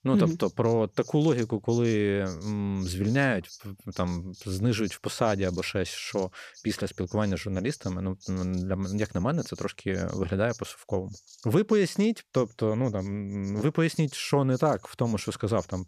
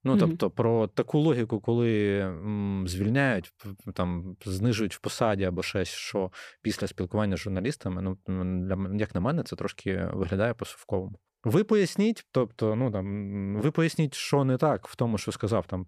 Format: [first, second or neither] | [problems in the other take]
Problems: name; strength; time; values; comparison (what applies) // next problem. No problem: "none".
second | animal sounds; faint; throughout; 20 dB below the speech